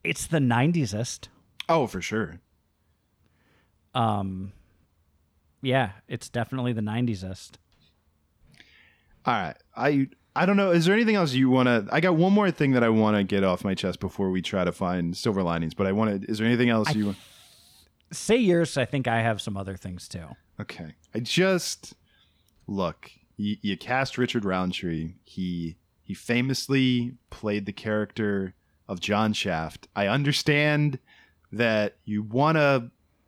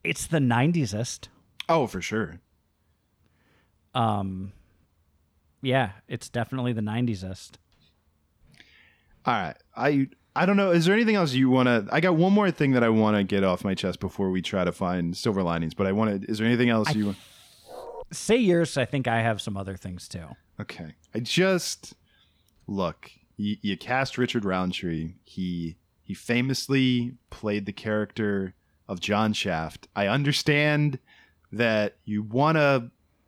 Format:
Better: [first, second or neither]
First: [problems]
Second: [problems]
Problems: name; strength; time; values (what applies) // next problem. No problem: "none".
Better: first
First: none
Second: dog barking; faint; at 18 s; peak 15 dB below the speech